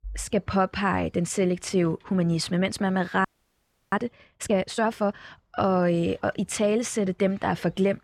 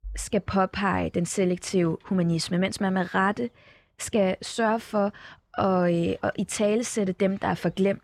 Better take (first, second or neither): second